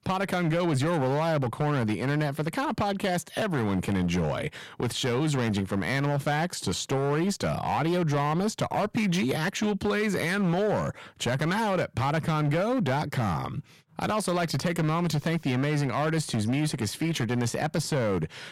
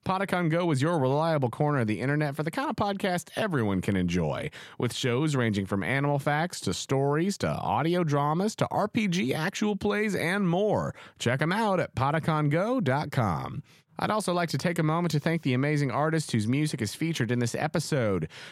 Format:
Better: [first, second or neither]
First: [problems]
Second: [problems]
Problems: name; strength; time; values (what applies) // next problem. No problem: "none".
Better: second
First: distortion; slight; 13% of the sound clipped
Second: none